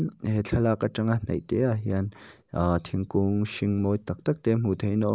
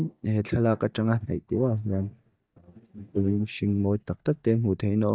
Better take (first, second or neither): first